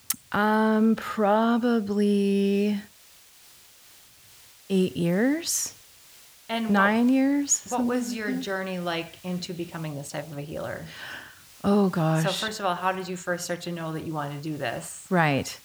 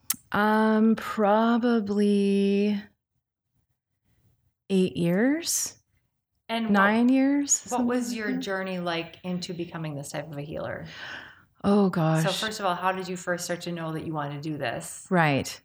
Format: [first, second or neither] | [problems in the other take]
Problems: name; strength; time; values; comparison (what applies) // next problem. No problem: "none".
second | hiss; faint; throughout; 25 dB below the speech